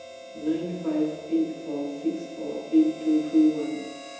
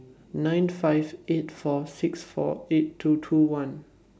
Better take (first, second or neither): second